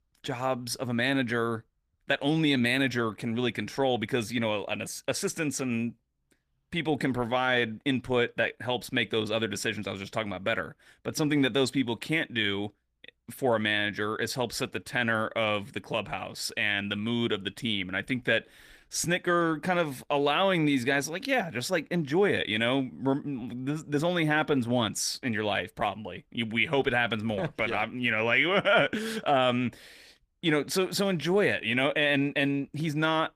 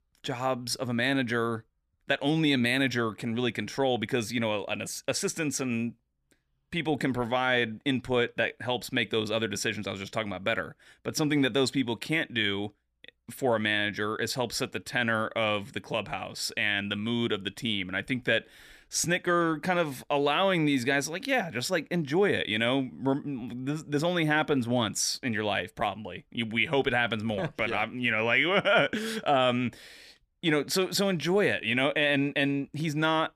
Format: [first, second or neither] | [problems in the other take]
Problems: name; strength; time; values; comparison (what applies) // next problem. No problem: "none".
second | garbled, watery; slightly; nothing above 14.5 kHz